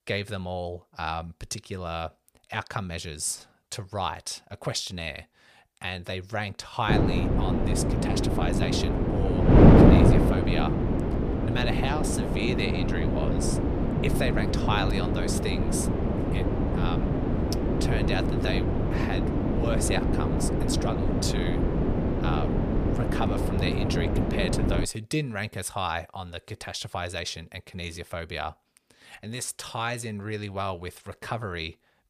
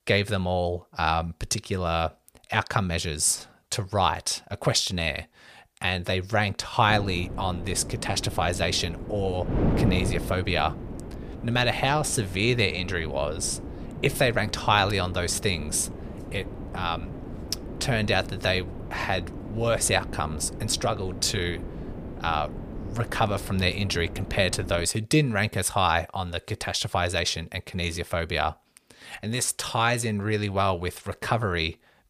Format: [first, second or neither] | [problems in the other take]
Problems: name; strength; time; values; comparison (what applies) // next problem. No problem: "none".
second | wind noise on the microphone; heavy; from 7 to 25 s; 3 dB above the speech; occasional gusts in the second